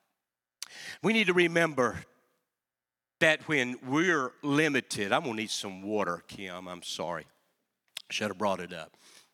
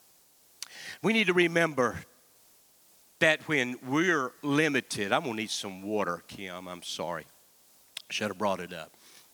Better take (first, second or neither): first